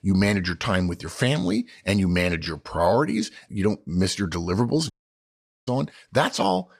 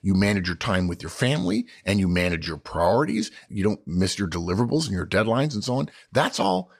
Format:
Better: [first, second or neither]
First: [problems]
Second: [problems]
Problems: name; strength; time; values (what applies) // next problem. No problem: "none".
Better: second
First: audio cutting out; at 5 s for 1 s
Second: none